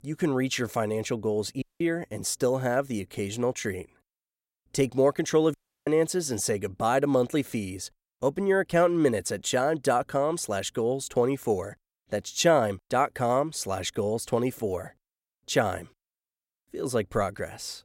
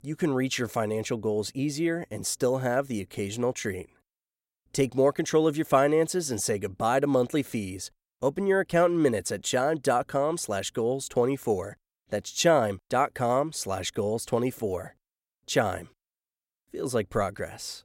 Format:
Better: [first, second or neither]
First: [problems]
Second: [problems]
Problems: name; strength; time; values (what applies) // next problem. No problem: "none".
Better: second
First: audio cutting out; at 1.5 s and at 5.5 s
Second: none